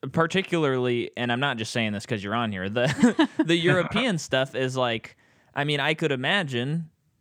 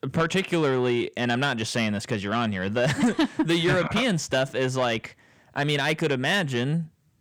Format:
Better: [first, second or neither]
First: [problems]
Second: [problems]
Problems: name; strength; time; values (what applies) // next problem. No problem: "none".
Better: first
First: none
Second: distortion; slight; 10 dB below the speech